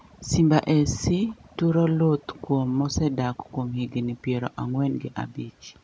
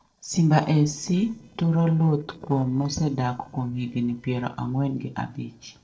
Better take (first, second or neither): first